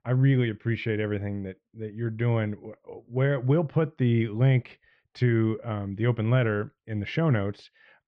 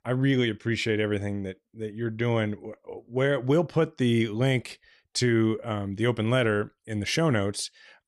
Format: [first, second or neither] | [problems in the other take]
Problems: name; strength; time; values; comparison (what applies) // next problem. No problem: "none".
second | muffled; very; fading above 2.5 kHz